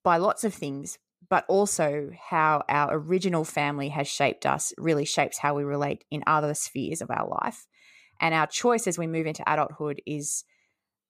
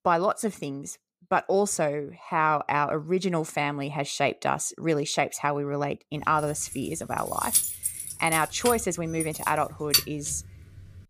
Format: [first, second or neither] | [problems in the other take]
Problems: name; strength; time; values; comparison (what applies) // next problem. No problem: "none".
first | jangling keys; loud; from 7.5 to 10 s; peak 4 dB above the speech